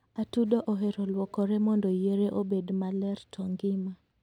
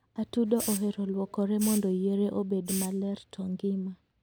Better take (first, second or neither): first